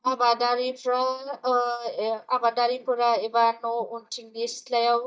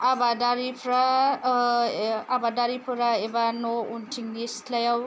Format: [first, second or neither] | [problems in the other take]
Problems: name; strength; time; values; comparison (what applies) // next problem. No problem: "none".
second | noise reduction (neural mask model DeepFilterNet 3)